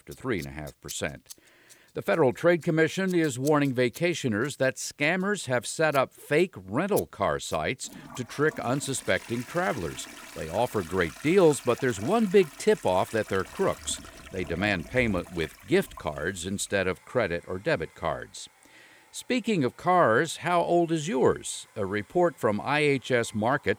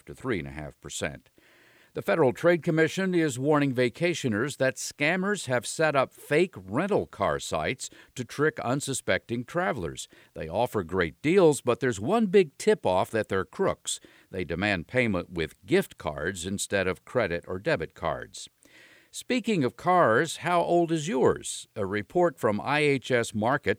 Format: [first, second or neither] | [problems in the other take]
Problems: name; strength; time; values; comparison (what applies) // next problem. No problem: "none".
second | household noises; noticeable; throughout; 20 dB below the speech